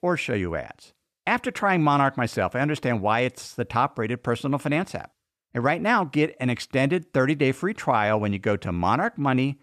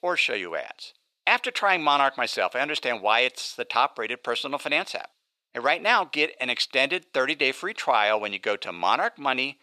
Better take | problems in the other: first | thin; very; fading below 600 Hz

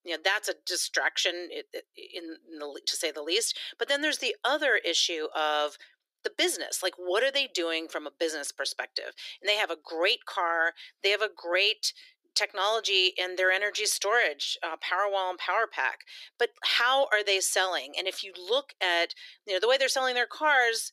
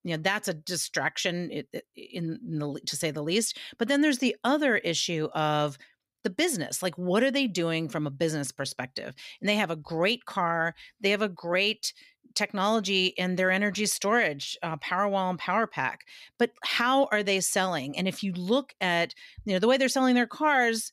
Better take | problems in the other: second | thin; very; fading below 350 Hz

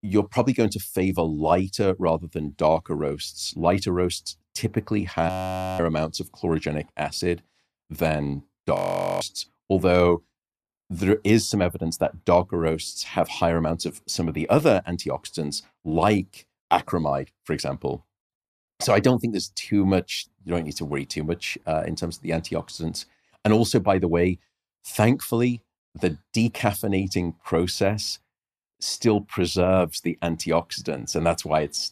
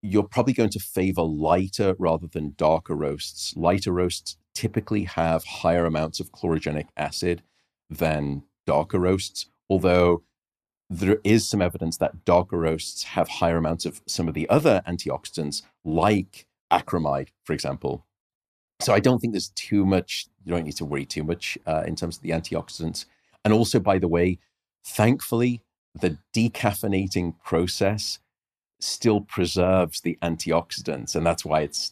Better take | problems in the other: second | audio freezing; at 5.5 s for 0.5 s and at 9 s

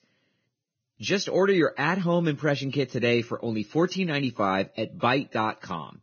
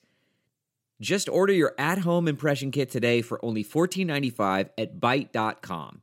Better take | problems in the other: second | garbled, watery; badly; nothing above 6.5 kHz

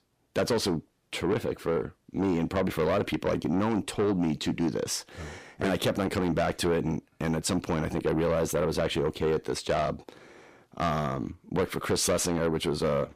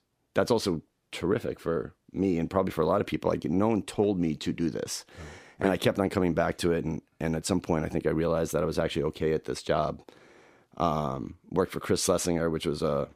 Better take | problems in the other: second | distortion; heavy; 8 dB below the speech

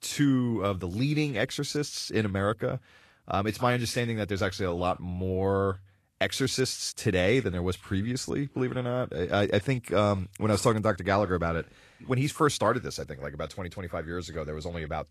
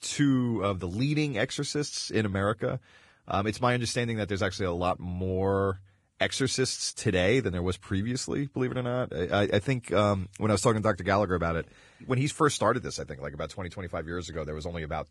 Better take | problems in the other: first | garbled, watery; badly; nothing above 10 kHz; slightly in the first

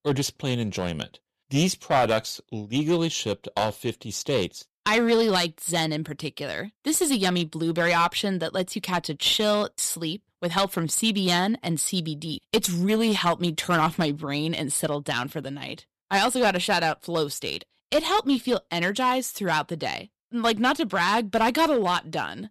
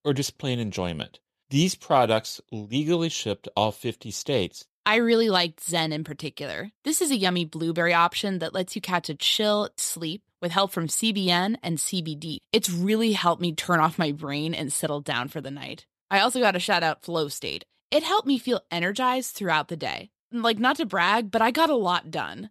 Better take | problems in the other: second | distortion; slight; 4% of the sound clipped

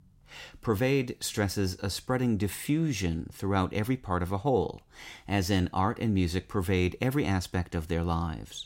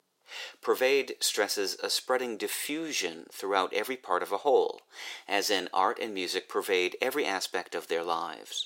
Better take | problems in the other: first | thin; very; fading below 400 Hz

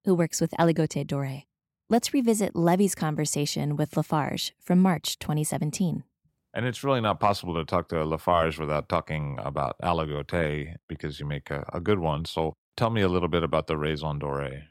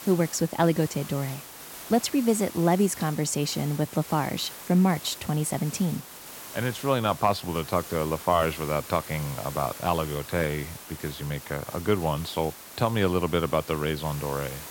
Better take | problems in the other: first | hiss; noticeable; throughout; 15 dB below the speech

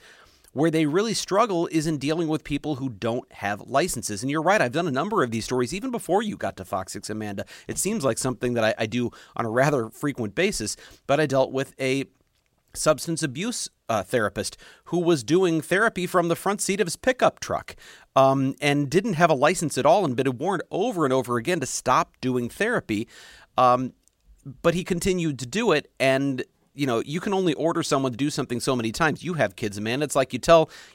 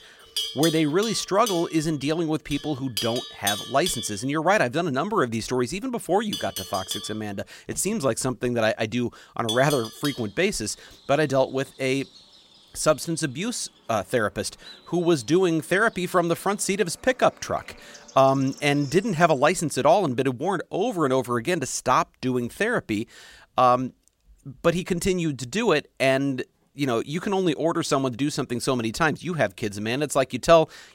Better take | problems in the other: first | animal sounds; loud; until 19 s; 9 dB below the speech

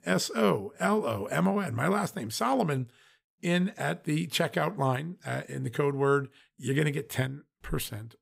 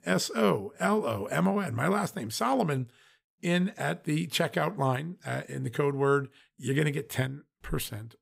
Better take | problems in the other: neither | none

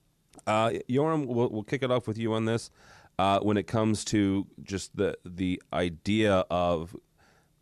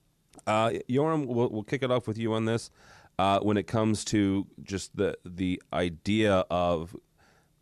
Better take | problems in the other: neither | none

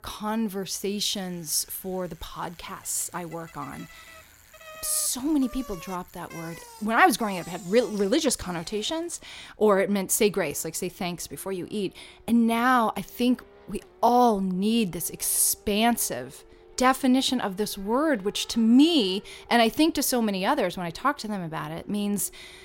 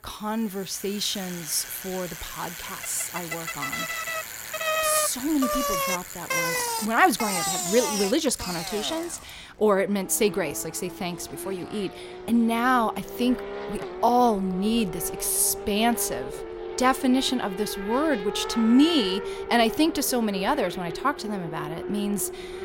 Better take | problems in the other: first | traffic noise; loud; throughout; 6 dB below the speech; faint in the first

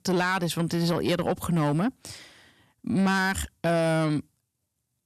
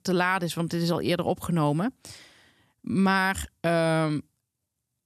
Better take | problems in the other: second | distortion; slight; 10 dB below the speech

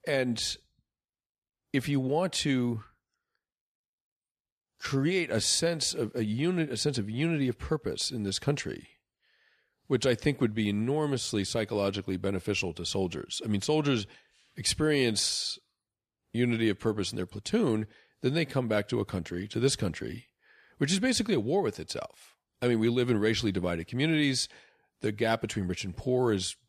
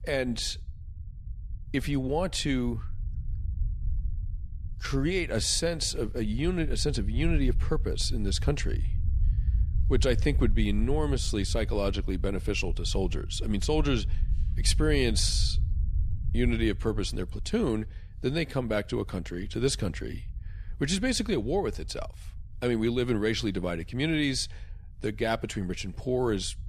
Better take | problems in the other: first | low rumble; faint; throughout; 20 dB below the speech

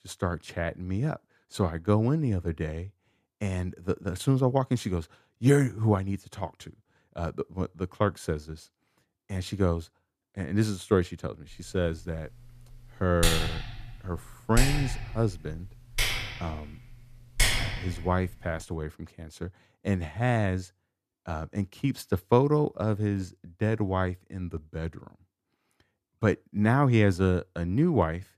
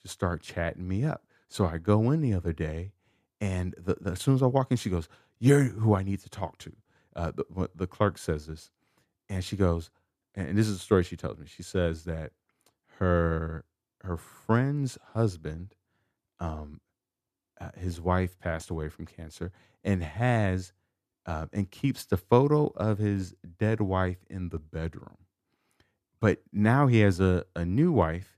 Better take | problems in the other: second | keyboard typing; loud; from 13 to 18 s; peak 4 dB above the speech

